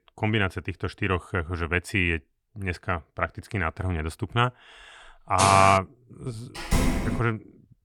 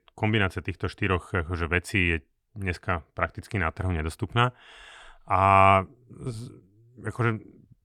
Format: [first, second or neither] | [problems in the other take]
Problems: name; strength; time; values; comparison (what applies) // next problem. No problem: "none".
second | footsteps; loud; at 5.5 s; peak 1 dB above the speech // door banging; loud; at 6.5 s; peak level with the speech